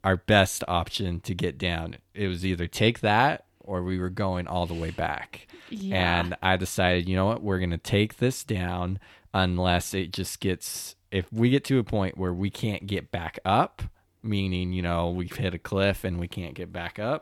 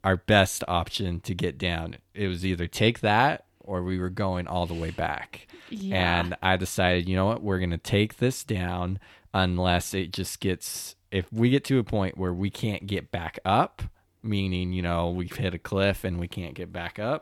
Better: neither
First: none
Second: none

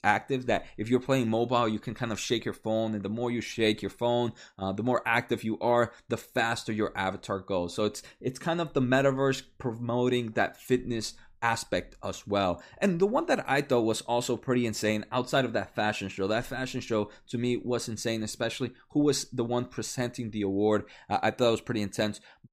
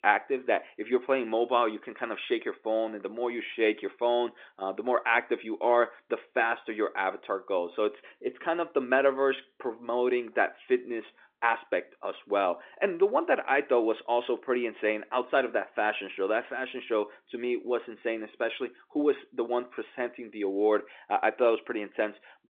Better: first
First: none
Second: phone-call audio; nothing above 3.5 kHz

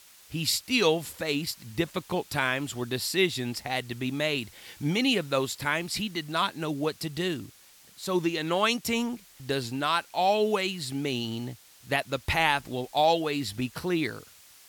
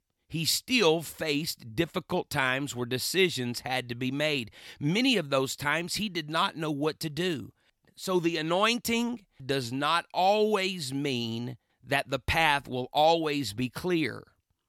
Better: second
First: hiss; faint; throughout; 25 dB below the speech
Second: none

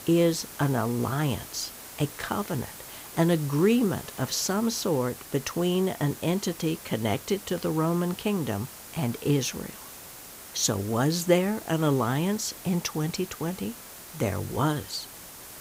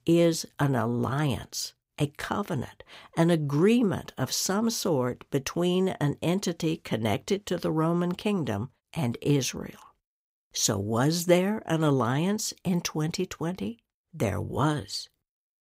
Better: second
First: hiss; noticeable; throughout; 15 dB below the speech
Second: none

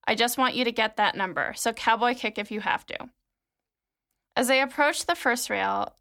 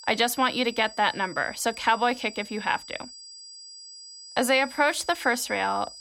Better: first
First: none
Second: high-pitched whine; noticeable; throughout; 5 kHz, 15 dB below the speech

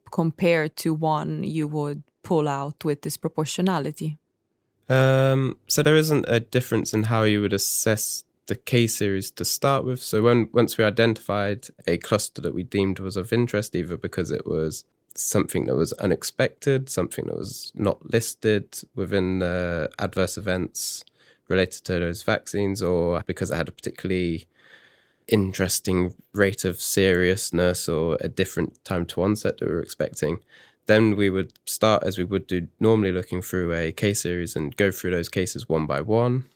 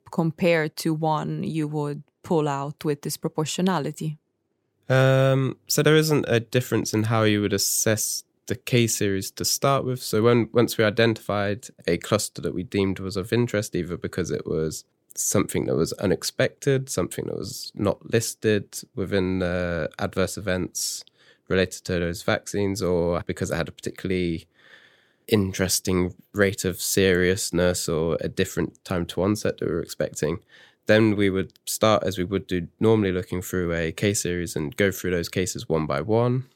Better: second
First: garbled, watery; slightly; nothing above 17.5 kHz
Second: none

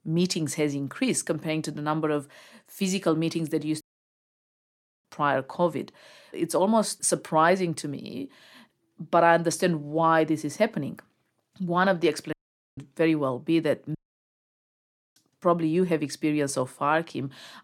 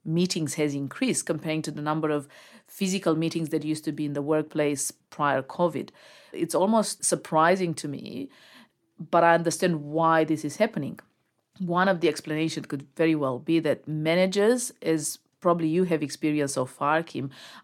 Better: second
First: audio cutting out; at 4 s for 1 s, at 12 s and at 14 s for 1 s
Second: none

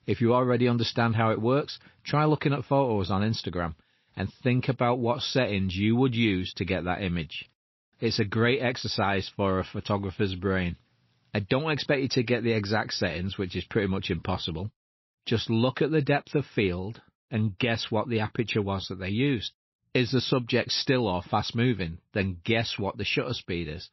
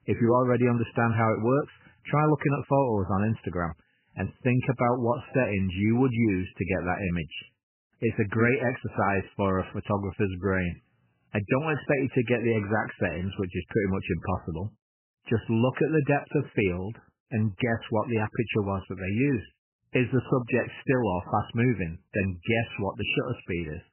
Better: first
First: garbled, watery; slightly; nothing above 5.5 kHz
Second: garbled, watery; badly; nothing above 3 kHz

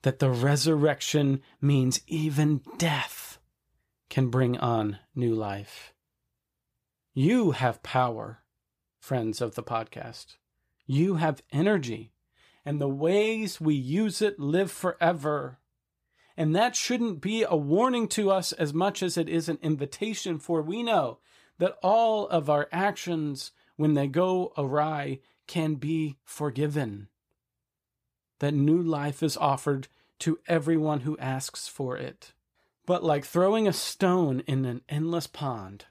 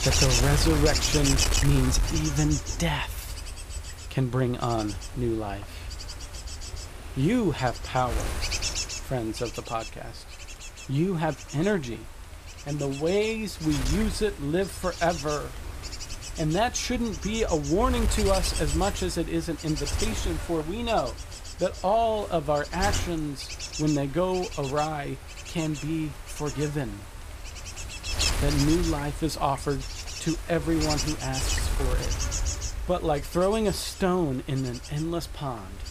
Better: first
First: none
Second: wind noise on the microphone; heavy; 5 dB below the speech

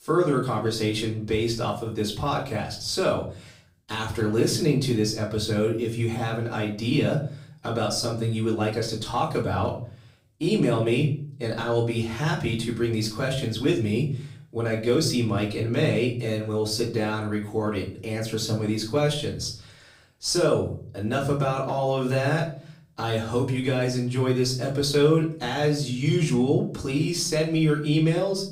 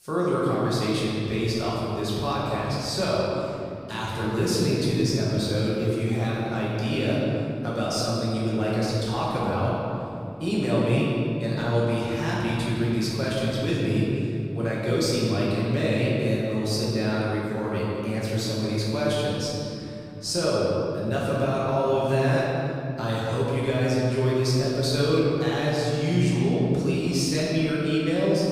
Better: first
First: room echo; slight; dies away in 0.4 s // off-mic speech; far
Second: room echo; strong; dies away in 2.9 s // off-mic speech; far

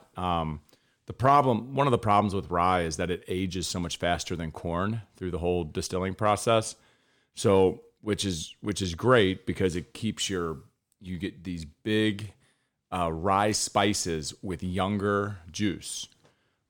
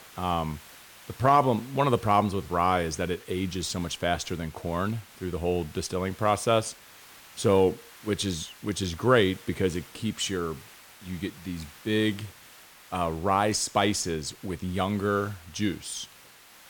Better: first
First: none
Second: hiss; faint; throughout; 20 dB below the speech

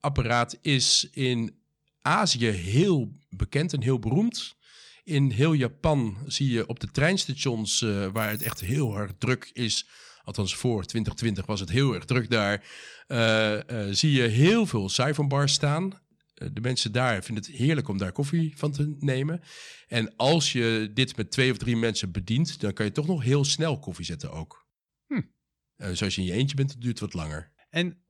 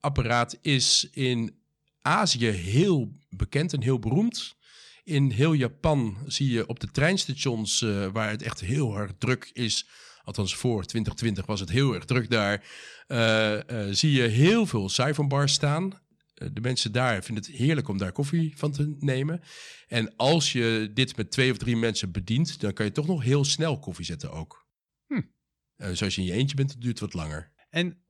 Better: second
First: jangling keys; noticeable; at 8 s; peak 7 dB below the speech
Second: none

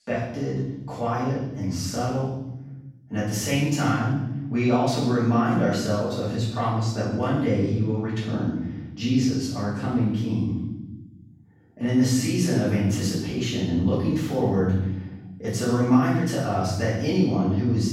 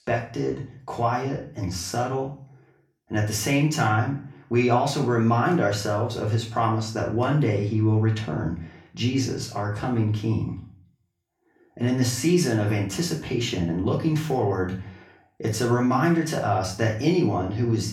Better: second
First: room echo; strong; dies away in 1.1 s // off-mic speech; far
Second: room echo; slight; dies away in 0.4 s // off-mic speech; far

